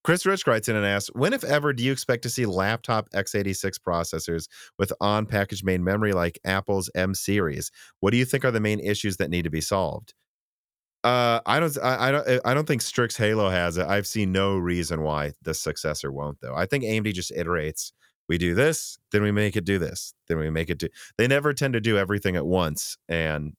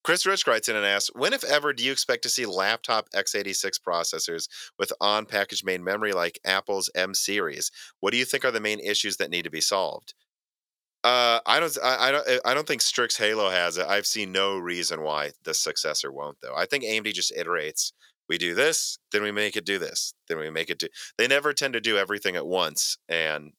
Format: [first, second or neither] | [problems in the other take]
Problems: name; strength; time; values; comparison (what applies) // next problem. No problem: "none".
first | thin; somewhat; fading below 400 Hz